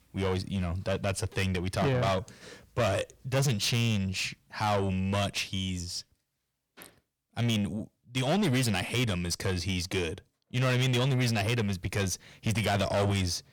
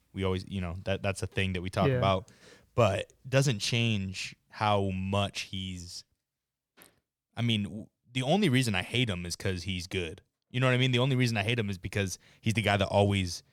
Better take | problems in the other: second | distortion; heavy; 7 dB below the speech

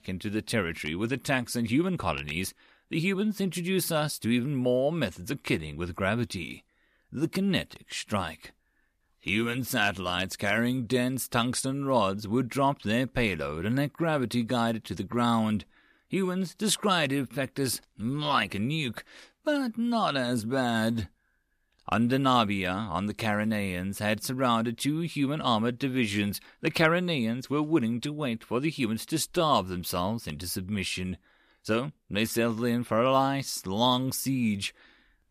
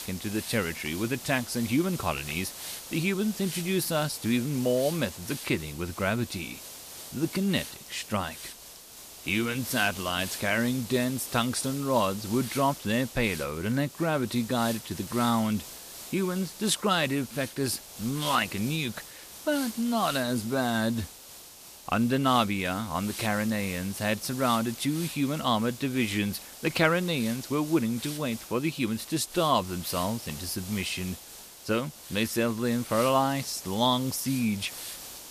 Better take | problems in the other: first | hiss; noticeable; throughout; 10 dB below the speech

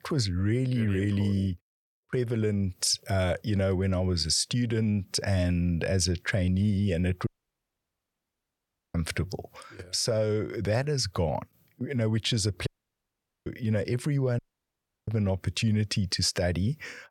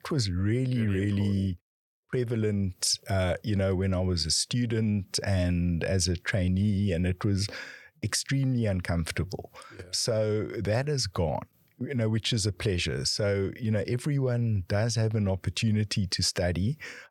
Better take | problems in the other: second | audio cutting out; at 7.5 s for 1.5 s, at 13 s for 1 s and at 14 s for 0.5 s

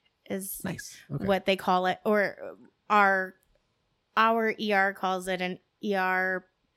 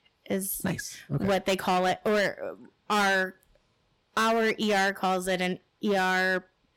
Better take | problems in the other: first | distortion; heavy; 12% of the sound clipped

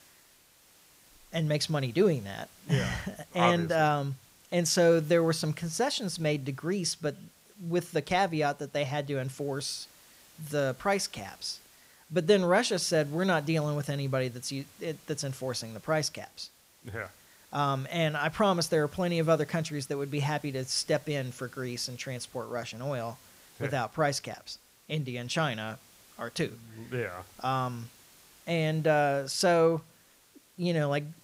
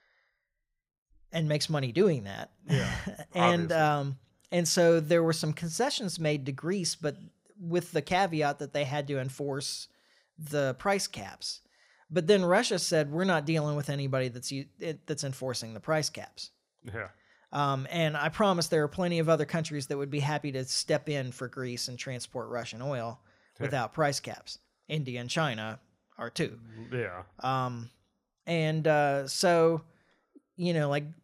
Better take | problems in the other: second | hiss; faint; throughout; 25 dB below the speech

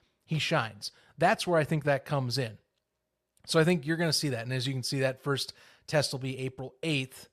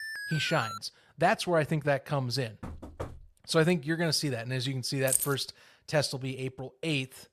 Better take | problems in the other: first | alarm; noticeable; at the start; peak 6 dB below the speech // door banging; faint; at 2.5 s; peak 10 dB below the speech // jangling keys; loud; at 5 s; peak 2 dB above the speech

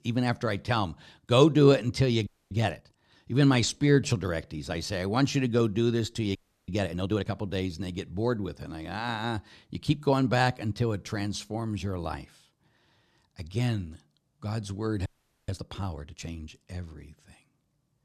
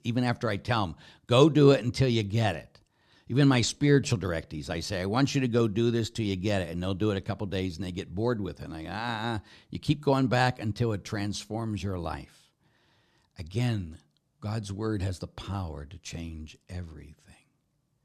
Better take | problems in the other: second | audio freezing; at 2.5 s, at 6.5 s and at 15 s

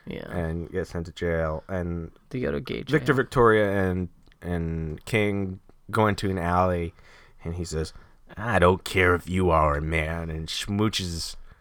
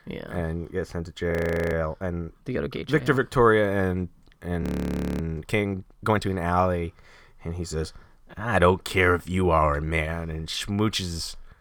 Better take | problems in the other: first | audio freezing; at 1.5 s and at 4.5 s for 0.5 s

